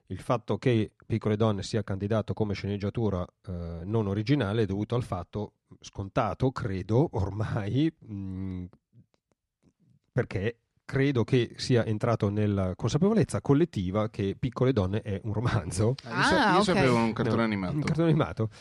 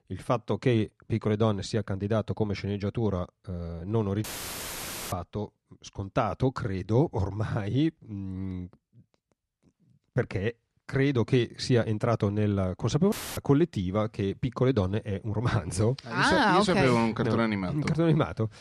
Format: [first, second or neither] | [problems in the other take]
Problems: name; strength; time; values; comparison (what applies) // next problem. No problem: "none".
first | audio cutting out; filled with static; at 4 s for 1 s and at 13 s